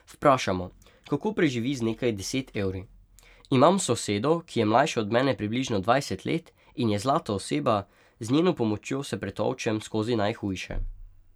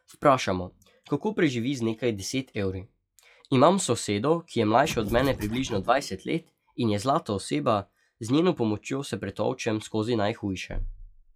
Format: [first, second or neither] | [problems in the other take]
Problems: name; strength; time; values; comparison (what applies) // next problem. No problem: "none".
first | noise reduction (classical method log-MMSE)